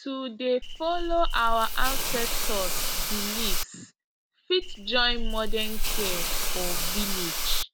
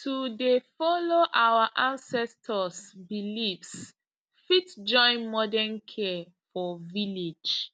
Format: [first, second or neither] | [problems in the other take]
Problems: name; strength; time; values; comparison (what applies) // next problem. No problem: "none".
second | background sound (Hiss / Insect); 4 dB above the speech